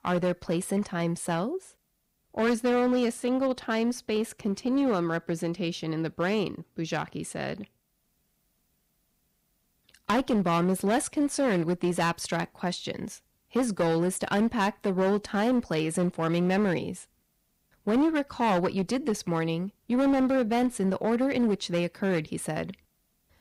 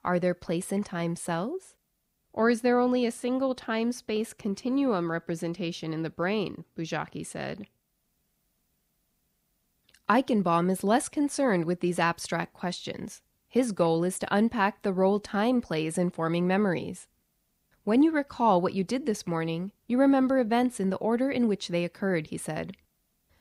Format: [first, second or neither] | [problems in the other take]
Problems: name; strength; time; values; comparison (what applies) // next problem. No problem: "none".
second | distortion; slight; 9% of the sound clipped